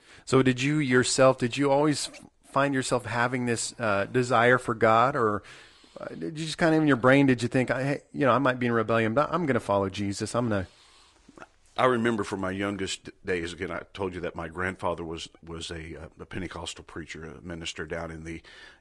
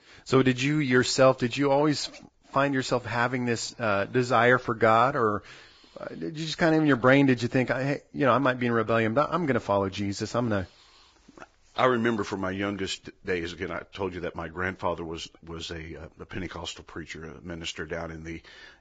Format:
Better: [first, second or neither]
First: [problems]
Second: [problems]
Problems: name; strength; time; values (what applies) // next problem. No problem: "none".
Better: first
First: garbled, watery; slightly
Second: garbled, watery; badly; nothing above 7.5 kHz